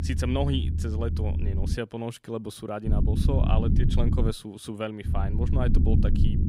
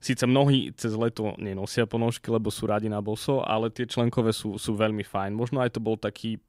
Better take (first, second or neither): second